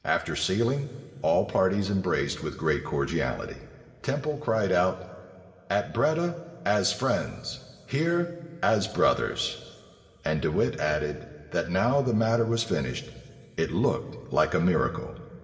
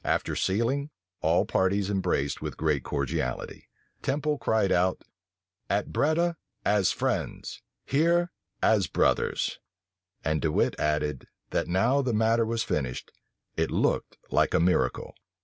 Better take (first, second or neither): second